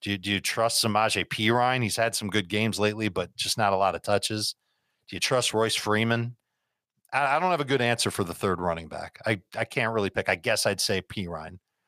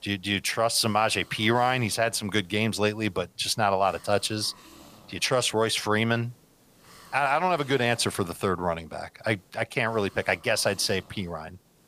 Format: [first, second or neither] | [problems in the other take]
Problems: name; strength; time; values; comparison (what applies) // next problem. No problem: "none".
first | hiss; faint; throughout; 25 dB below the speech